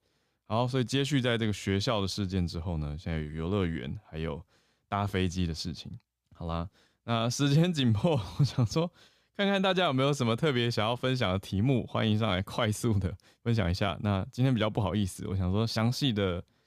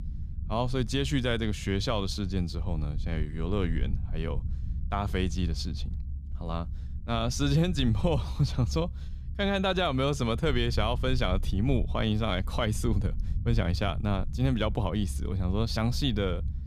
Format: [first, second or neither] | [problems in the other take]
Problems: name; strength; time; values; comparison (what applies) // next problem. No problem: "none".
first | low rumble; faint; throughout; 20 dB below the speech